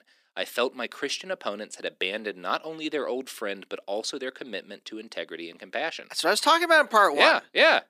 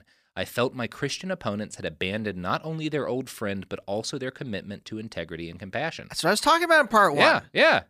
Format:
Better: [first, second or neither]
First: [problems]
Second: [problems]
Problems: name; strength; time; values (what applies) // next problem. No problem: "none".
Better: second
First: thin; somewhat; fading below 300 Hz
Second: none